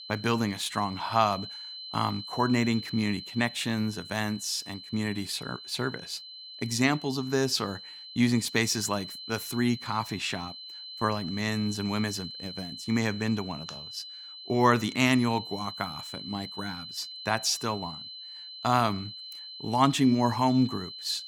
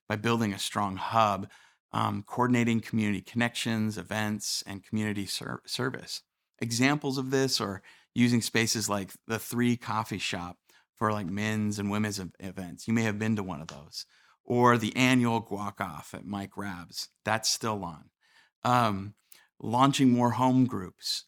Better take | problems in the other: second | high-pitched whine; noticeable; throughout; 4 kHz, 10 dB below the speech

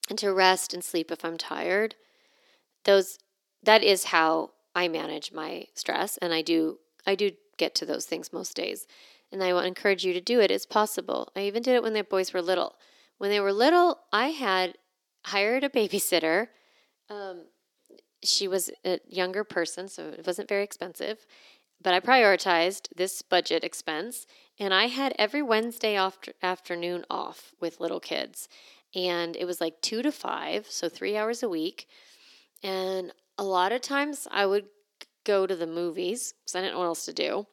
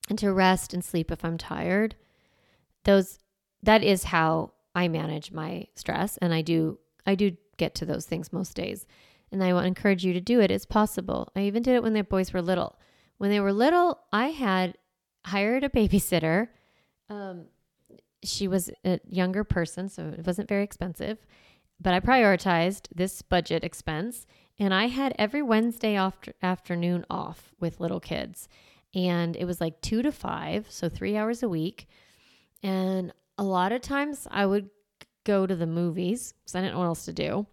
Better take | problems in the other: second | thin; somewhat; fading below 300 Hz

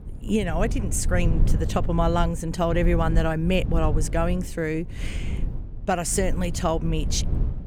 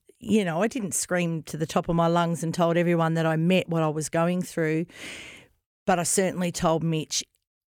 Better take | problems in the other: second | low rumble; noticeable; throughout; 15 dB below the speech

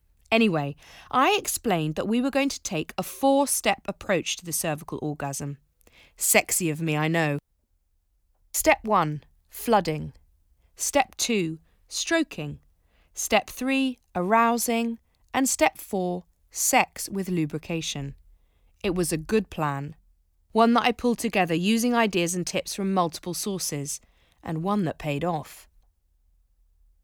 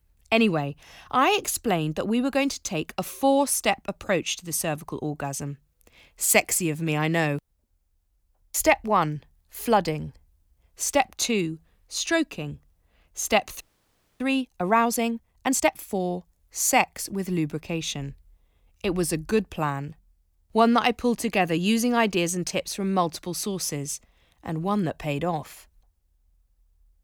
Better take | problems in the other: first | audio freezing; at 14 s for 0.5 s

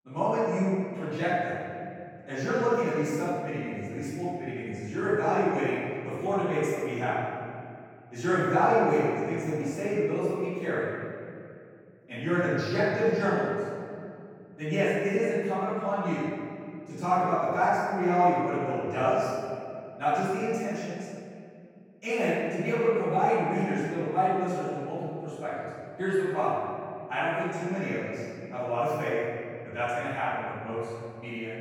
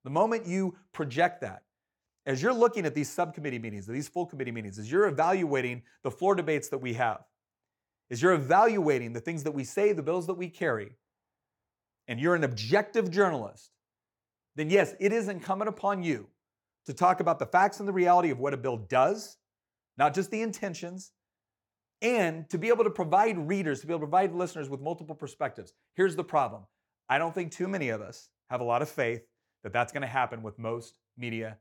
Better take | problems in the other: second | off-mic speech; far // room echo; strong; dies away in 2.2 s

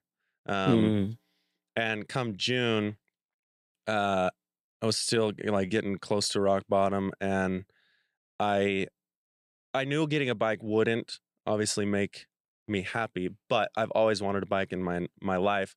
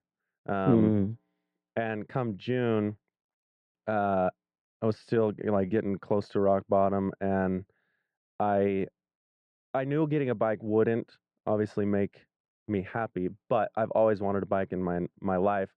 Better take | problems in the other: first | muffled; very; fading above 3.5 kHz

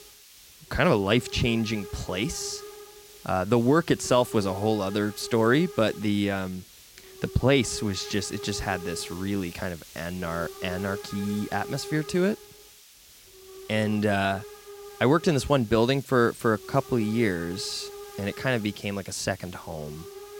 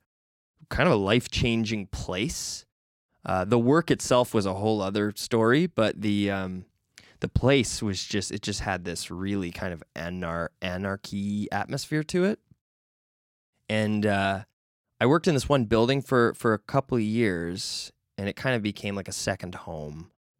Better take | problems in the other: second | hiss; noticeable; throughout; 15 dB below the speech

